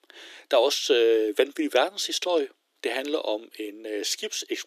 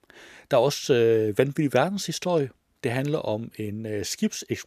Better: second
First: thin; somewhat; fading below 300 Hz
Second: none

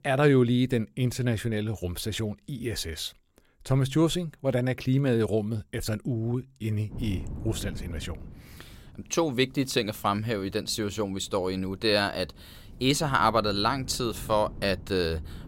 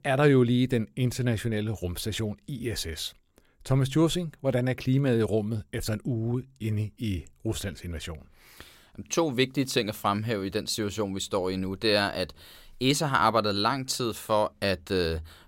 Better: second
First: wind noise on the microphone; occasional gusts; from 7 s on; 25 dB below the speech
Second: none

